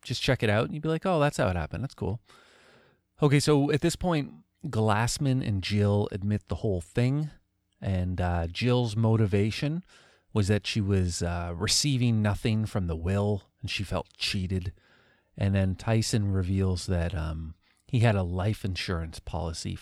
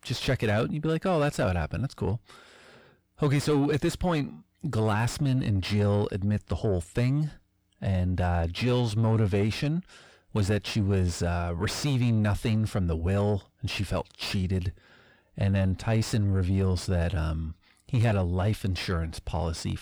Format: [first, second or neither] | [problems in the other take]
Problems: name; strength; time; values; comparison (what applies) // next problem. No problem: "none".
first | distortion; slight; 9 dB below the speech